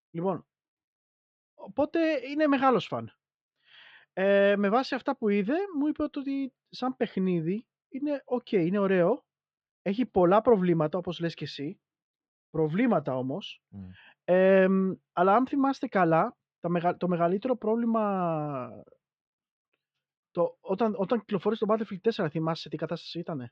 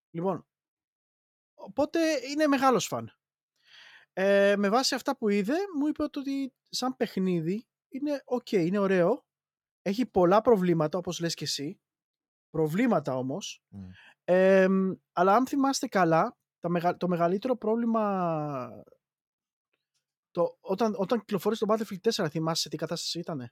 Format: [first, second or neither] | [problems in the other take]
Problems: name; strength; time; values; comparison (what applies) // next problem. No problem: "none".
second | muffled; slightly; fading above 3 kHz